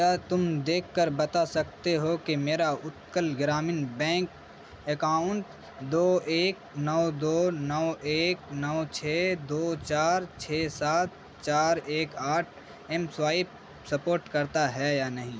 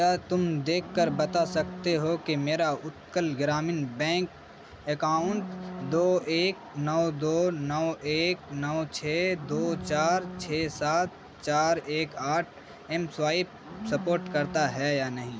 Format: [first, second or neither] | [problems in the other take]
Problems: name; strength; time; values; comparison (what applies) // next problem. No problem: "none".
first | background sound (Livestock, farm animals, working animals); 14 dB below the speech